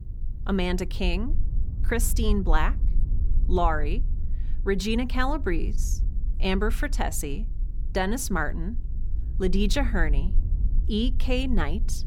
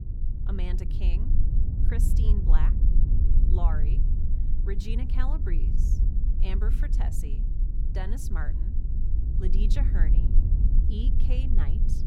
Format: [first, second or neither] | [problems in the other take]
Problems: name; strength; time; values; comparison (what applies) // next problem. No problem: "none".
first | low rumble; loud; throughout; 3 dB below the speech; faint in the first